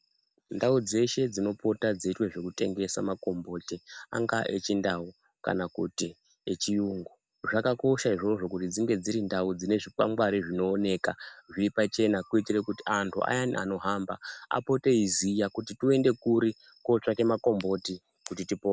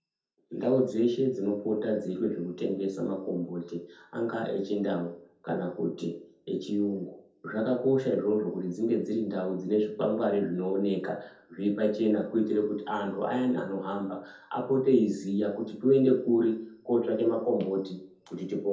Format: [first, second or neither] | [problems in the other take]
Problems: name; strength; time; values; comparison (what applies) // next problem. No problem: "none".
first | room echo; dies away in 0.5 s